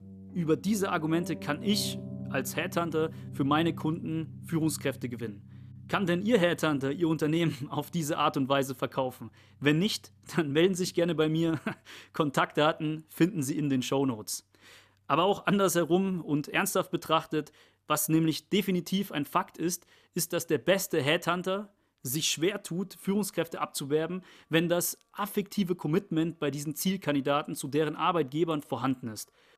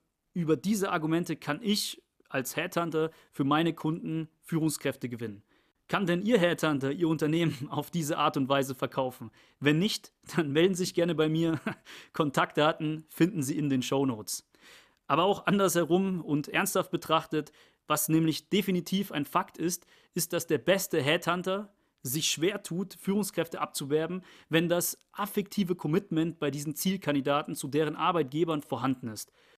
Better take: second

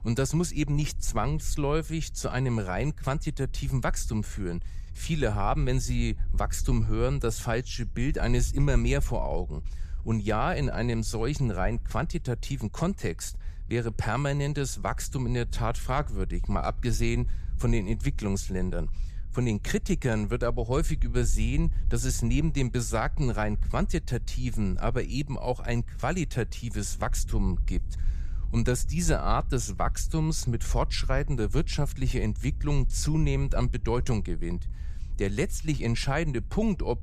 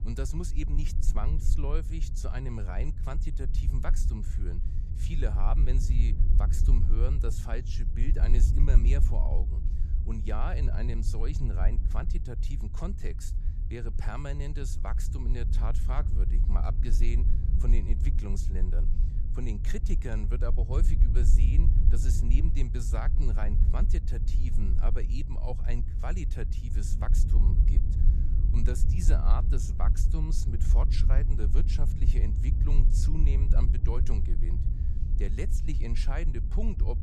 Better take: first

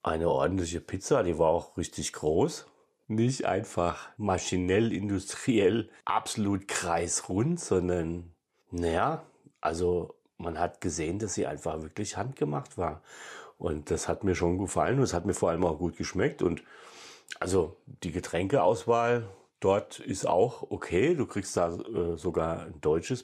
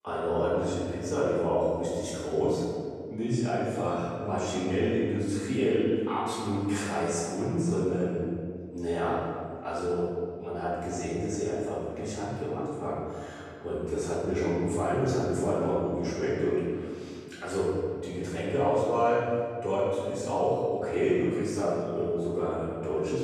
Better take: first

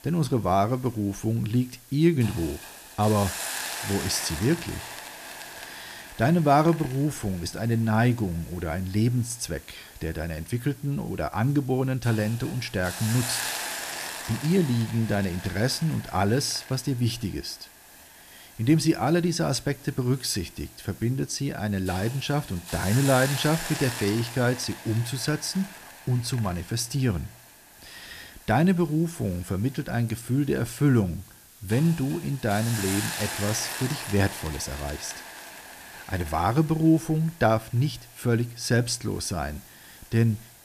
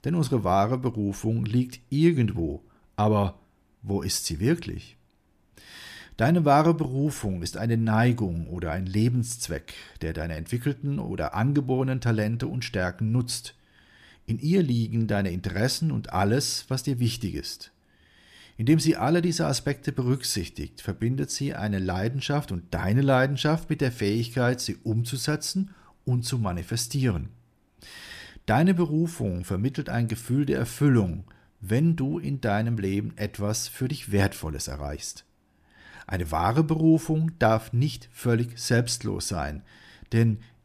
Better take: second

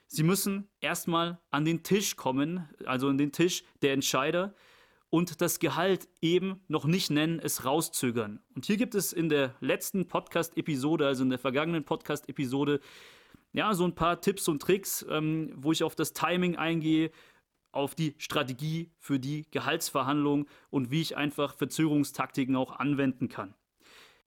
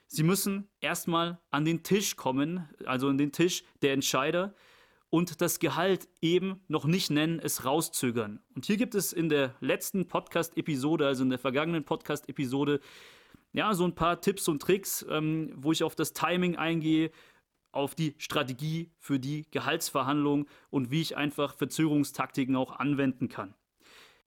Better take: neither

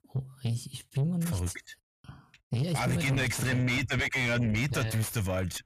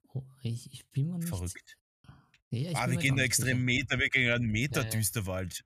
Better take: second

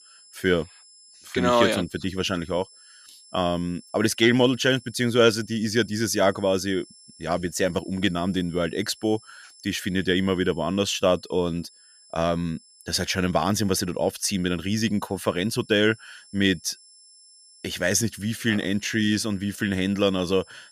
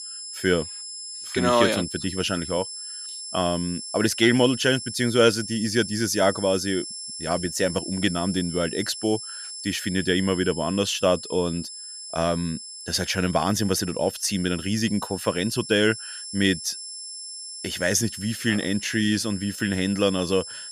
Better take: first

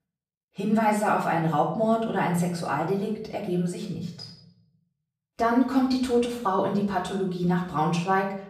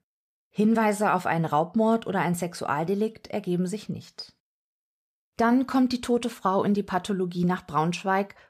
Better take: second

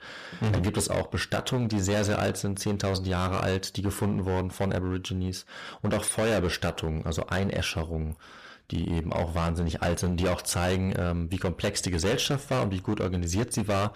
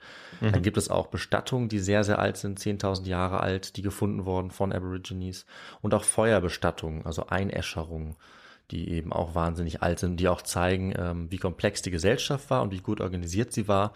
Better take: second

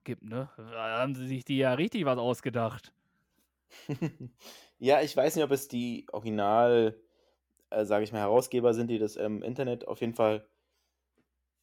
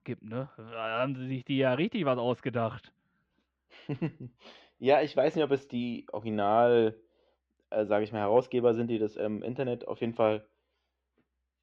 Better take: first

